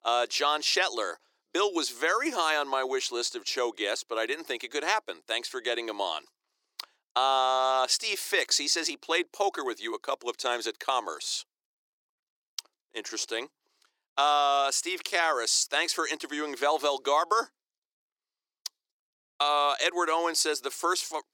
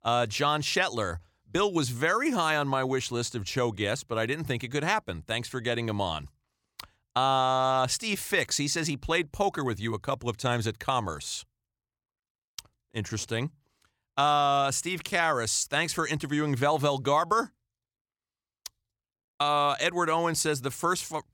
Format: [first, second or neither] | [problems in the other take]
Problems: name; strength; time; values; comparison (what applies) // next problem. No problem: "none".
second | thin; very; fading below 350 Hz